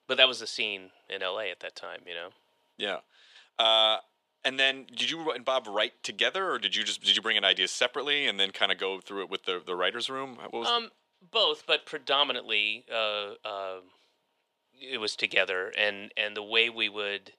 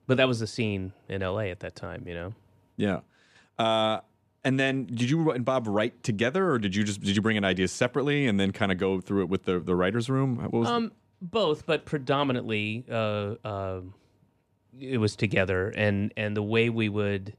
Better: second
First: thin; very; fading below 600 Hz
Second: none

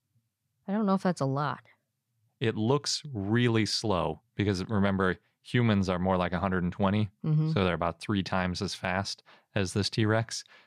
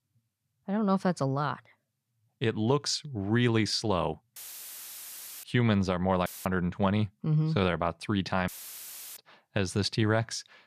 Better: first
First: none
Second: audio cutting out; filled with static; at 4.5 s for 1 s, at 6.5 s and at 8.5 s for 0.5 s

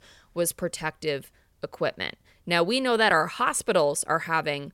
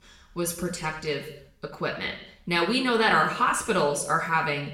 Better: first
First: none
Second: room echo; slight; dies away in 0.7 s // off-mic speech; somewhat distant

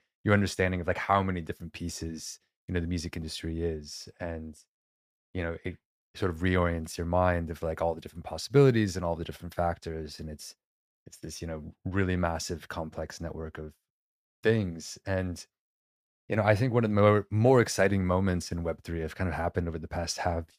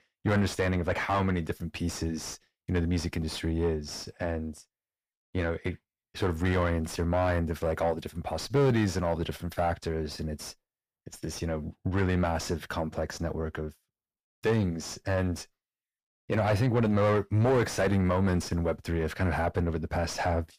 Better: first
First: none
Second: distortion; heavy; 6 dB below the speech

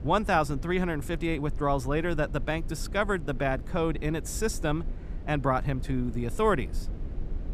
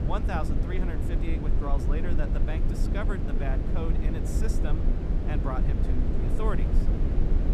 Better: first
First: low rumble; faint; throughout; 20 dB below the speech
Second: low rumble; loud; throughout; 2 dB below the speech

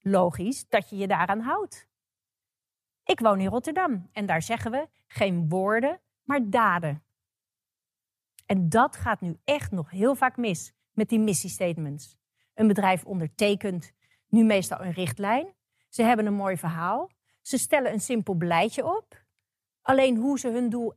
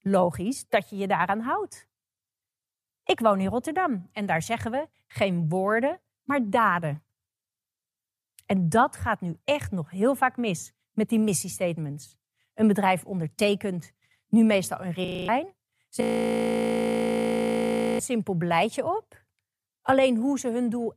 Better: first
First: none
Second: audio freezing; at 15 s and at 16 s for 2 s

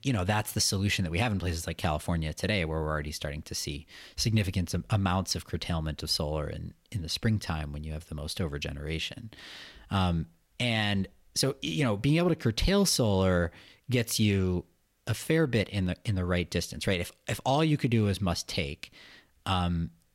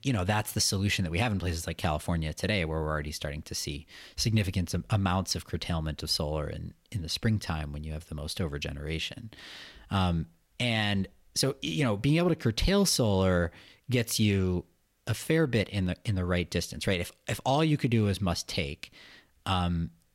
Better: neither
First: none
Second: none

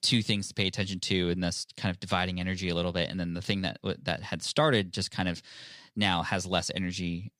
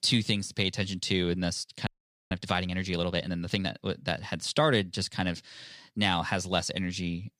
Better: first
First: none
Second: audio freezing; at 2 s

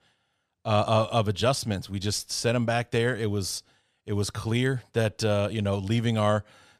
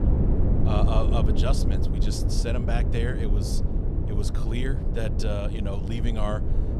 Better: first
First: none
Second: low rumble; loud; throughout; 3 dB below the speech

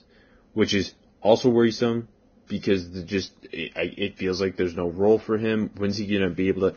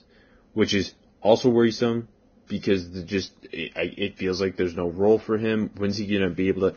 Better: neither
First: garbled, watery; badly; nothing above 6.5 kHz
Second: garbled, watery; badly; nothing above 6.5 kHz

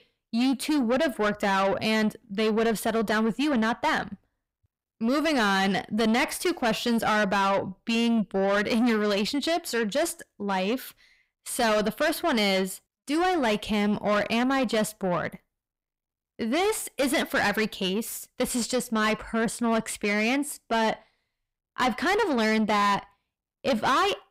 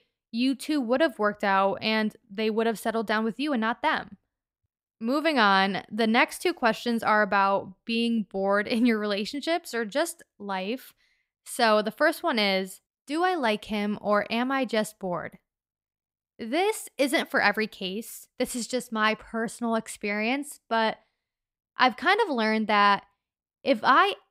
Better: second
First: distortion; heavy; 6 dB below the speech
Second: none

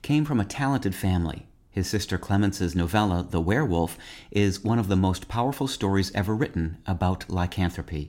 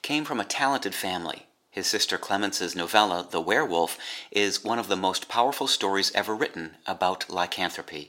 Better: first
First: none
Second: thin; very; fading below 550 Hz

